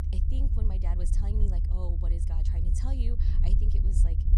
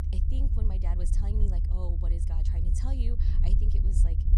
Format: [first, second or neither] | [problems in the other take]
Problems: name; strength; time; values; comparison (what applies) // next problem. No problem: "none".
neither | low rumble; loud; throughout; as loud as the speech; the same in both